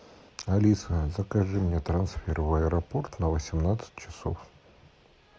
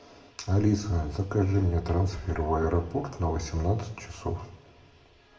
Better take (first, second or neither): first